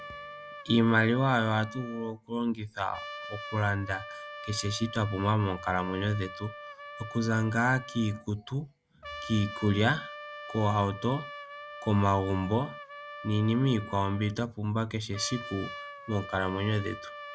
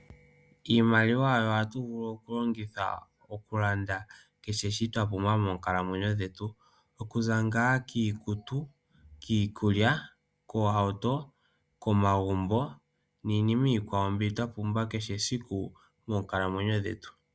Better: second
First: background sound (Trumpet); 13 dB below the speech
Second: none

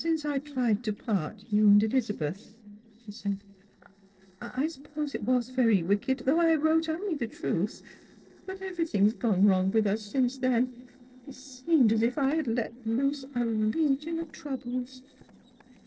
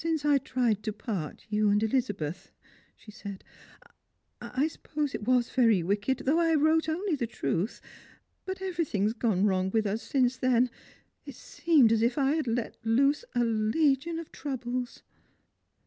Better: second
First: noise reduction (neural separator model SepFormer DNS4)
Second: none

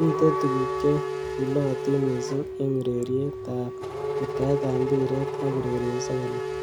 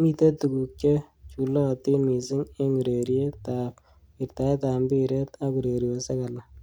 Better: second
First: background sound (Wind instrument, woodwind instrument + Race car, auto racing / Accelerating, revving, vroom); 3 dB below the speech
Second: none

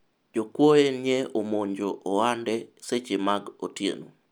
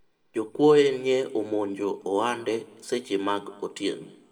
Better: first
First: none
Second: room echo; dies away in 1.1 s

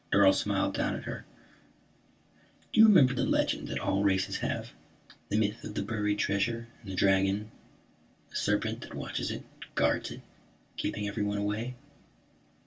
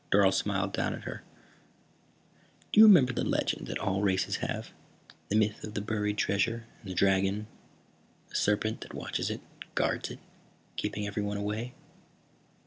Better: second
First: room echo; dies away in 0.1 s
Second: none

